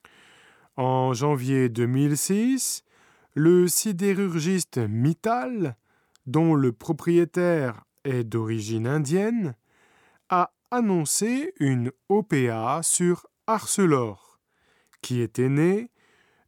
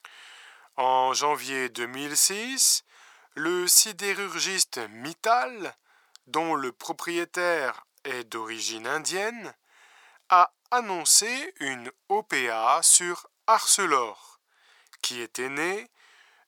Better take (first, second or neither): first